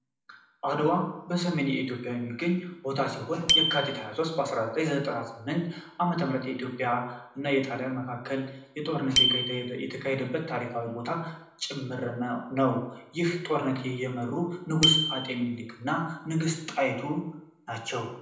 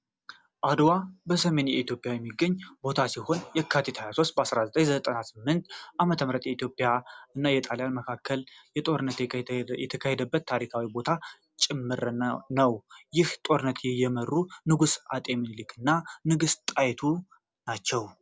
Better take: second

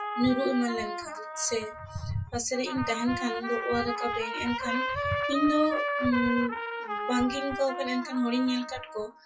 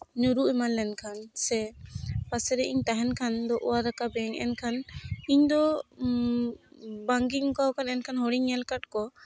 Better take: second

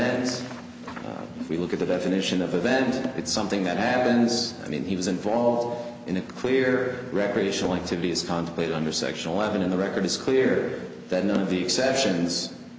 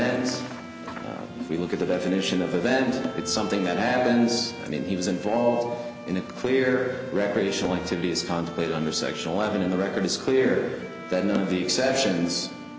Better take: first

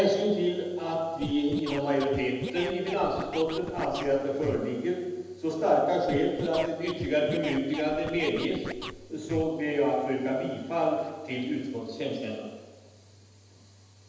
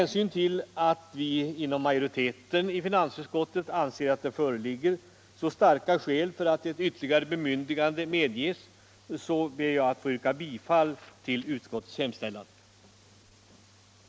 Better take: second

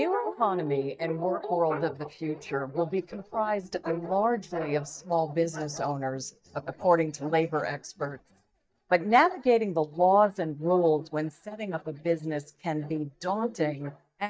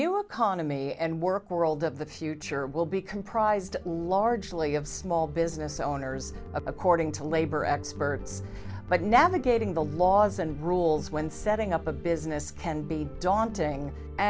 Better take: second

